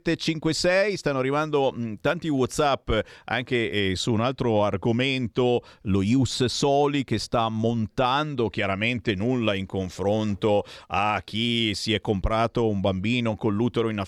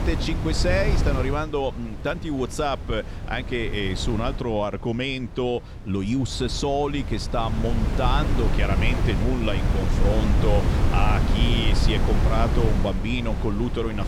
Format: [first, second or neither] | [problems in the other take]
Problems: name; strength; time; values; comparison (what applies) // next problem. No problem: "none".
first | wind noise on the microphone; heavy; 6 dB below the speech